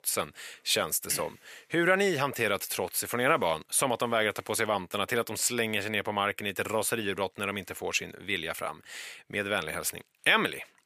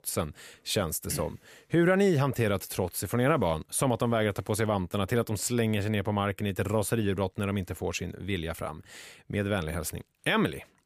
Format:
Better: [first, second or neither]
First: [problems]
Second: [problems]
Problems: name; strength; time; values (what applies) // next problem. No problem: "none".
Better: second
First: thin; somewhat; fading below 750 Hz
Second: none